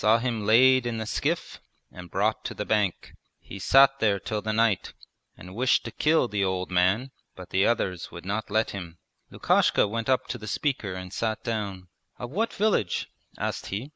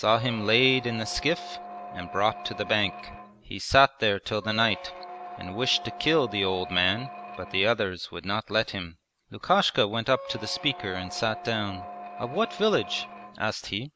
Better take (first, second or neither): first